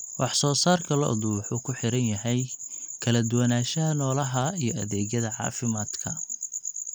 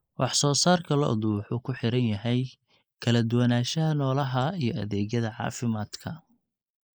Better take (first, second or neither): first